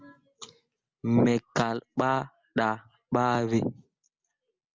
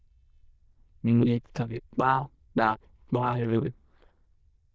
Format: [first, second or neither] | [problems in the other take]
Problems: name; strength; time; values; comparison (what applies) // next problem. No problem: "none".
first | noise reduction (neural diffusion model UNIVERSE++)